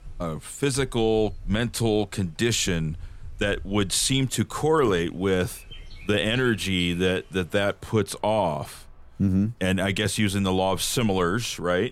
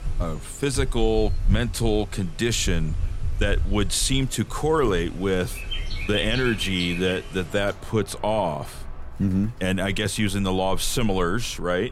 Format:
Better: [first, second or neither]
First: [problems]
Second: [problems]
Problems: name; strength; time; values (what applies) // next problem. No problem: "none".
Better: first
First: animal sounds; faint; throughout; 20 dB below the speech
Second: animal sounds; loud; throughout; 8 dB below the speech